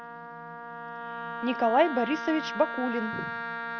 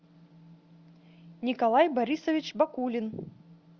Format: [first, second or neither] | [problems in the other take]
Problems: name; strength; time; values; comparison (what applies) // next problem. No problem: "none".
second | background sound (Wind instrument, woodwind instrument); 6 dB below the speech